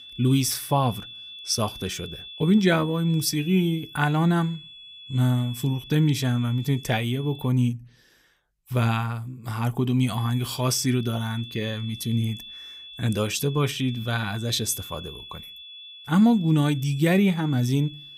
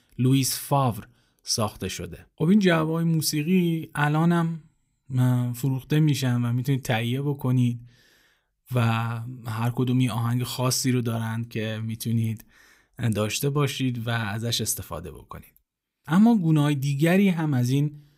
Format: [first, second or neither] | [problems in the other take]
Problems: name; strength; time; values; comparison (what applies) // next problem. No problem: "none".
second | high-pitched whine; noticeable; until 7.5 s and from 10 s on; 3.5 kHz, 15 dB below the speech